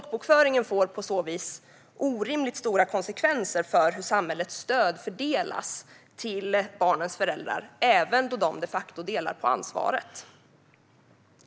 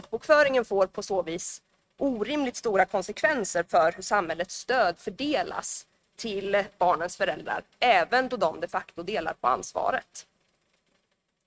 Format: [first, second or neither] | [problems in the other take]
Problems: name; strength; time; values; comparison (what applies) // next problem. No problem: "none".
first | noise reduction (neural mask model RNNoise)